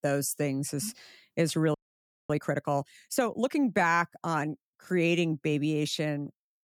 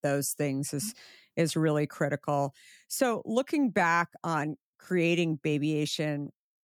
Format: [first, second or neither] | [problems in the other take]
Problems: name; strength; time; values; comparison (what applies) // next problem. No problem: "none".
second | audio freezing; at 1.5 s for 0.5 s